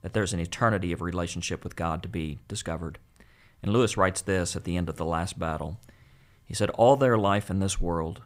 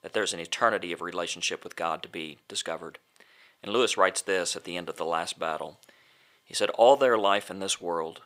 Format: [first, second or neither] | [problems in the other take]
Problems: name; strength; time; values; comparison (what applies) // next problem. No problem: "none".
first | thin; somewhat; fading below 450 Hz